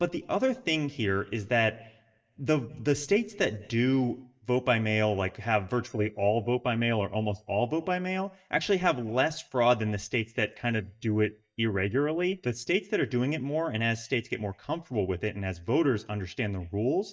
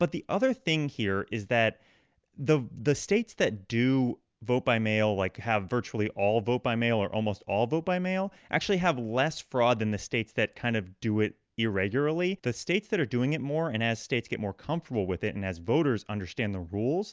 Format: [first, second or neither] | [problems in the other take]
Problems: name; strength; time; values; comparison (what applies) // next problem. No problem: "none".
second | noise reduction (neural mask model DeepFilterNet 3)